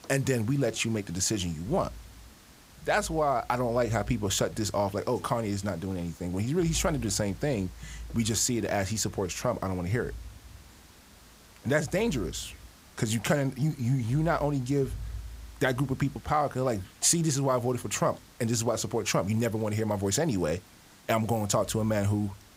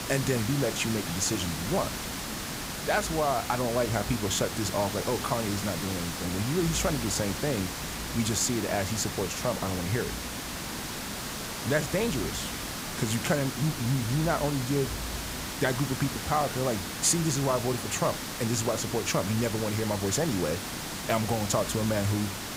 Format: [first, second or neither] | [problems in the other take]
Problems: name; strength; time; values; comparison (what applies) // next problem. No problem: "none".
first | hiss; loud; throughout; 5 dB below the speech; faint in the first